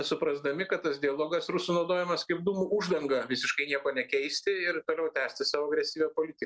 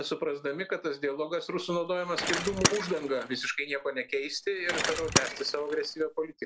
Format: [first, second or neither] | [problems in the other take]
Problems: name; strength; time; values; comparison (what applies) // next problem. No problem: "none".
first | background sound (Bicycle); 2 dB below the speech